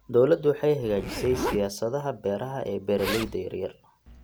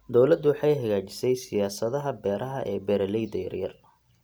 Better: second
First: background sound (Zipper (clothing)); 11 dB below the speech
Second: none

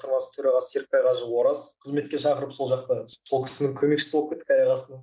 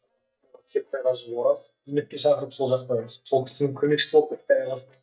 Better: first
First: none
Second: noise reduction (neural mask model DeepFilterNet 3)

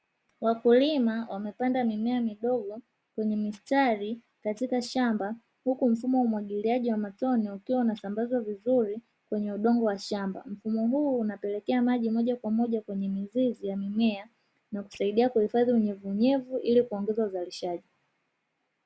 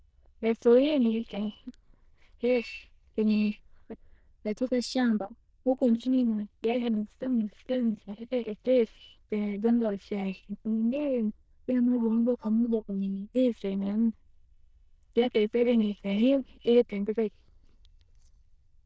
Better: first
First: none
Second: noise reduction (neural diffusion model UNIVERSE++)

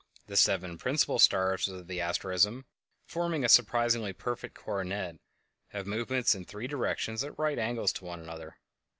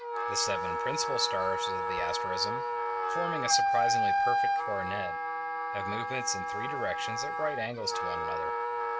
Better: first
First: none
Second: background sound (Wind instrument, woodwind instrument); 5 dB above the speech // room echo; dies away in 1.6 s

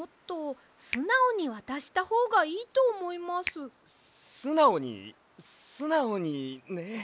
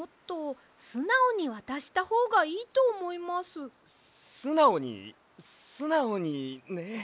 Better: second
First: background sound (Finger snapping); 17 dB below the speech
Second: none

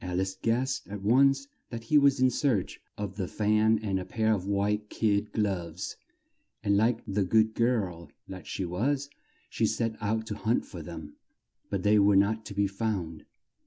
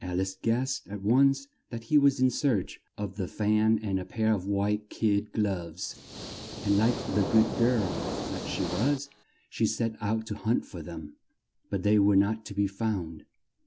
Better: first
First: none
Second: background sound (Hiss); 6 dB below the speech

